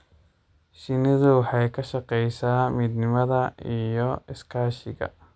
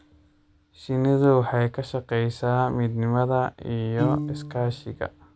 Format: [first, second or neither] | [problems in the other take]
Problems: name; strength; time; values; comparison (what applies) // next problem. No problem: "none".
first | background sound (Piano); 11 dB below the speech